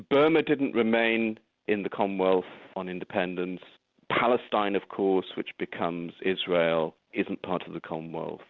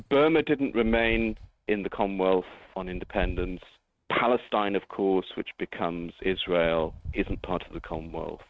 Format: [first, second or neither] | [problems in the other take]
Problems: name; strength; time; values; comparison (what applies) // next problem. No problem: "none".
first | noise reduction (neural mask model RNNoise)